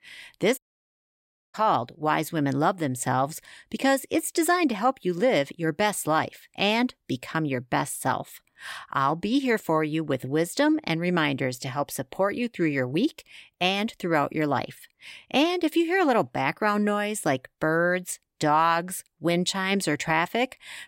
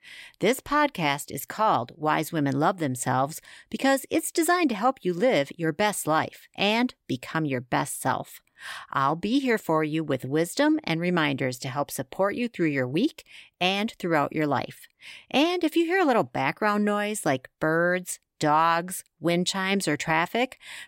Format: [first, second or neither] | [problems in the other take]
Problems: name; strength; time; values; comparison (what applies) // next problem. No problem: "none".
second | audio cutting out; at 0.5 s for 1 s